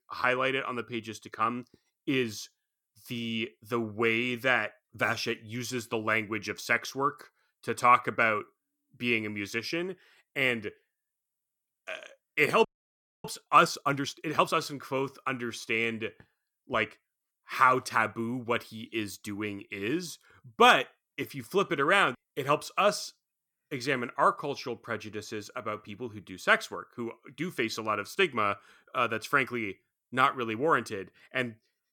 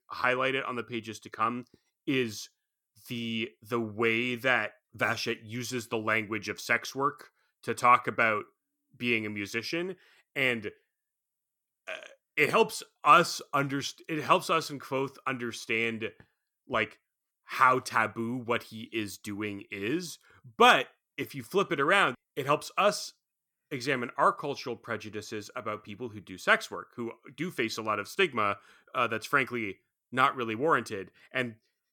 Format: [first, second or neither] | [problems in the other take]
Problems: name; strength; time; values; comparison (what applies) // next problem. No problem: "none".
second | audio freezing; at 13 s for 0.5 s